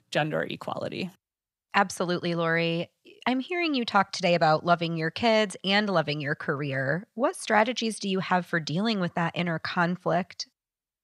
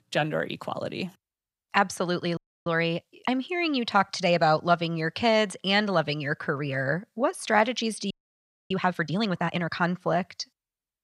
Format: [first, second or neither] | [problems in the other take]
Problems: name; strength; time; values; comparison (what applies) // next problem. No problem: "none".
first | audio freezing; at 2.5 s and at 8 s for 0.5 s